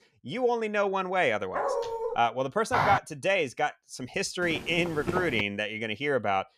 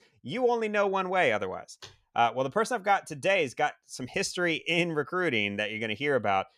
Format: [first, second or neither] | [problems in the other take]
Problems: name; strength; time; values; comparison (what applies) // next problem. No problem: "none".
second | dog barking; noticeable; at 1.5 s; peak 2 dB below the speech // footsteps; loud; at 2.5 s; peak 1 dB above the speech // footsteps; noticeable; at 4.5 s; peak 4 dB below the speech